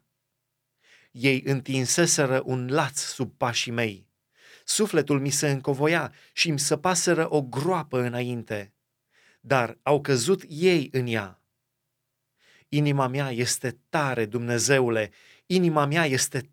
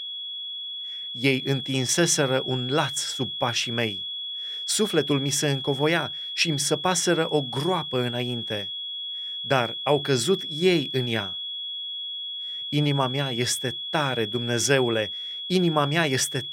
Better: first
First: none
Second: high-pitched whine; loud; throughout; 3.5 kHz, 6 dB below the speech

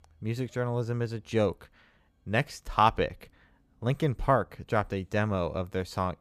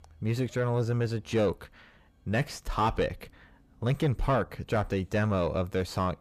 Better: first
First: none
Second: distortion; heavy; 7 dB below the speech

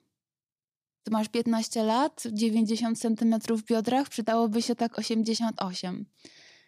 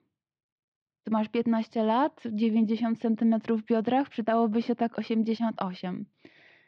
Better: first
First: none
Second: muffled; very; fading above 3 kHz

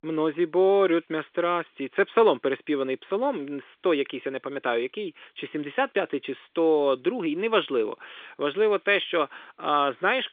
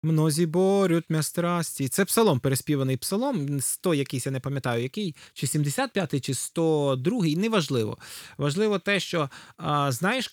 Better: second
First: phone-call audio; nothing above 3.5 kHz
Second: none

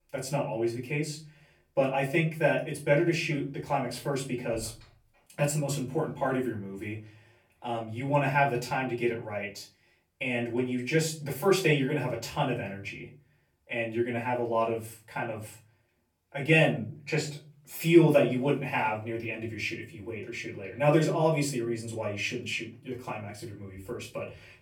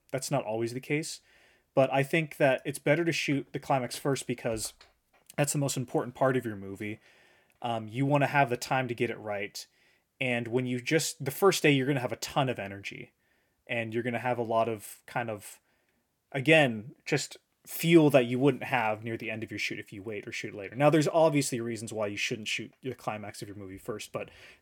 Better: second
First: off-mic speech; far // room echo; very slight; dies away in 0.3 s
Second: none

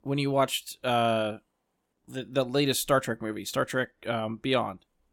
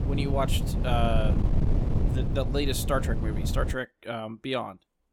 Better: first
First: none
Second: wind noise on the microphone; heavy; until 3.5 s; 8 dB below the speech

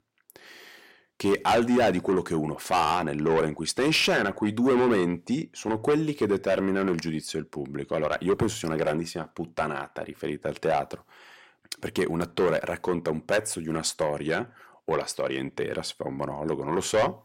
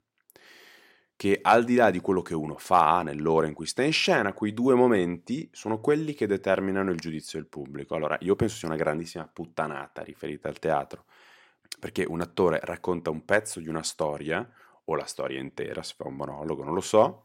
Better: second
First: distortion; heavy; 7 dB below the speech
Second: none

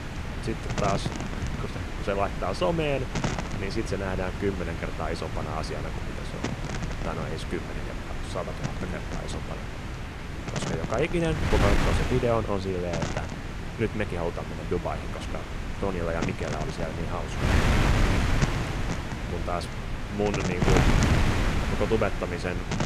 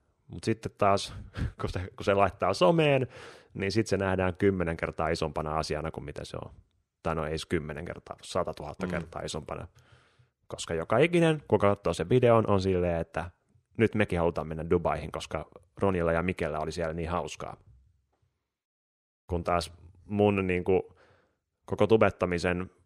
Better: second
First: wind noise on the microphone; heavy; 1 dB below the speech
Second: none

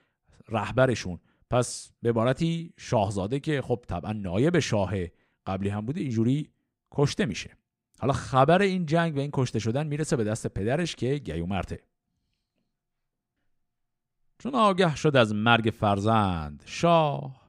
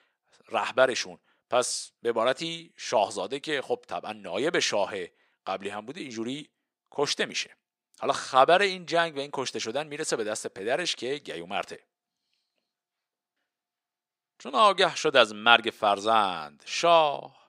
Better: first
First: none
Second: thin; very; fading below 500 Hz

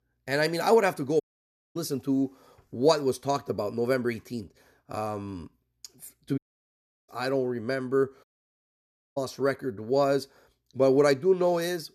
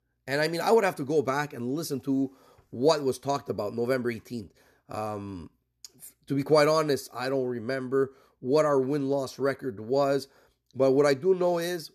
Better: second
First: audio cutting out; at 1 s for 0.5 s, at 6.5 s for 0.5 s and at 8 s for 1 s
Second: none

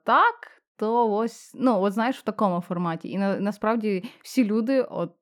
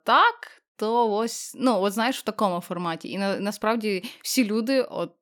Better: second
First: muffled; slightly; fading above 2.5 kHz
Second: none

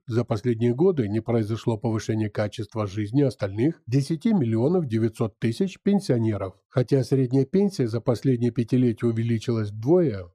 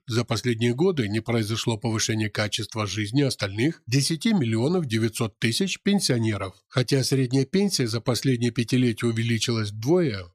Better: second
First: muffled; very; fading above 1.5 kHz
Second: none

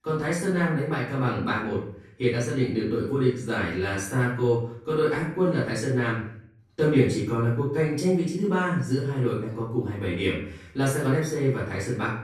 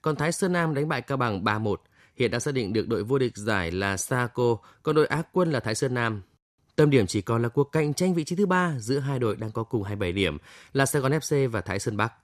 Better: second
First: off-mic speech; far // room echo; noticeable; dies away in 0.6 s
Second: none

